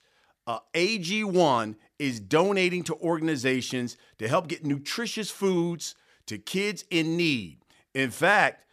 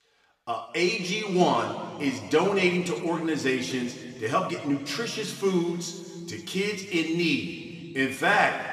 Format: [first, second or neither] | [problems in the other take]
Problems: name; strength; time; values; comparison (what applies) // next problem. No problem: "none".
first | room echo; slight; dies away in 2 s // off-mic speech; somewhat distant